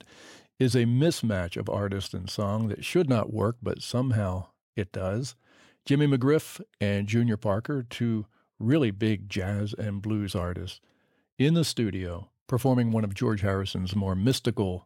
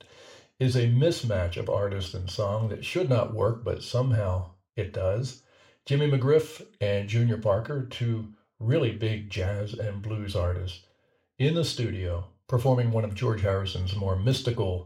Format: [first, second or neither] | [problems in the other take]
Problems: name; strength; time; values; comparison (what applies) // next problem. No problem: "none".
first | room echo; very slight; dies away in 0.3 s // off-mic speech; somewhat distant